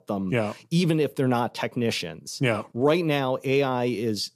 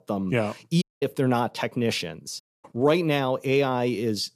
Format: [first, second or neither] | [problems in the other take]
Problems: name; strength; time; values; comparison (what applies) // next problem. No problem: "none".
first | audio cutting out; at 1 s and at 2.5 s